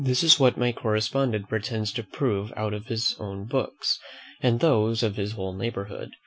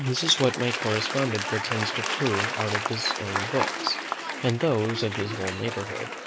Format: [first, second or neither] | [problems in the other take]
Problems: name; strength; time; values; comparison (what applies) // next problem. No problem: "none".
first | background sound (Applause / Crowd); 3 dB below the speech